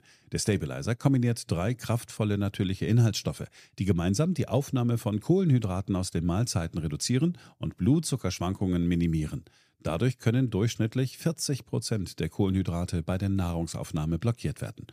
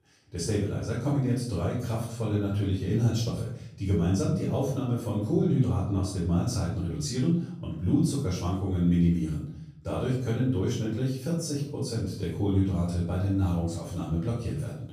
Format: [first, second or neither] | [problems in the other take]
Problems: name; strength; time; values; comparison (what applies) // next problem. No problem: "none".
first | room echo; noticeable; dies away in 0.6 s // off-mic speech; far